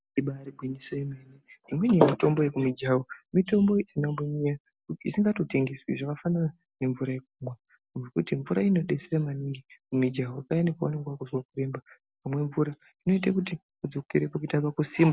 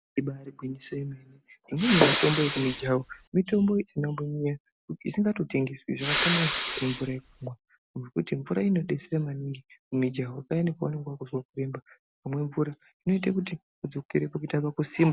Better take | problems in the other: first | background sound (Respiratory sounds); 2 dB below the speech

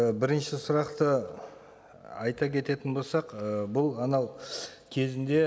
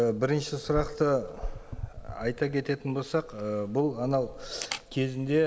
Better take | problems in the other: first | background sound (Camera); 12 dB below the speech

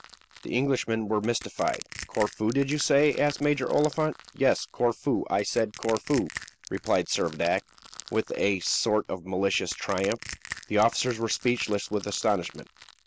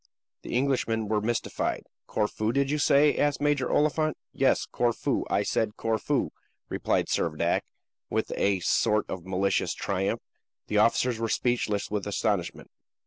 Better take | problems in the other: second | background sound (Crushing); 17 dB below the speech

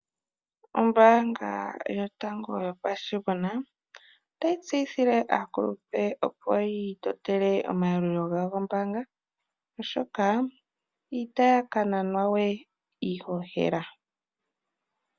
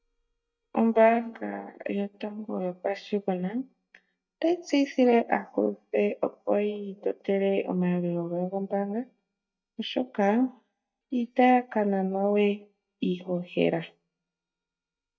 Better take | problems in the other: first | noise reduction (neural mask model DeepFilterNet 3)

